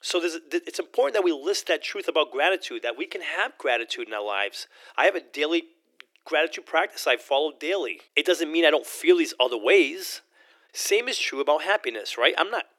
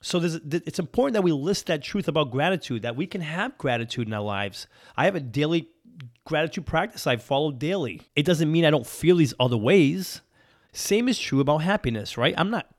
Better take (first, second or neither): second